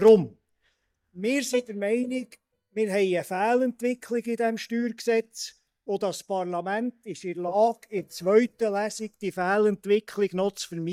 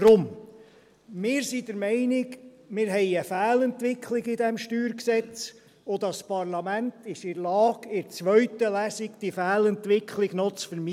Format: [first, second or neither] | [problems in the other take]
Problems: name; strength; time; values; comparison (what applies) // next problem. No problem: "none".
second | noise reduction (neural mask model DeepFilterNet 3)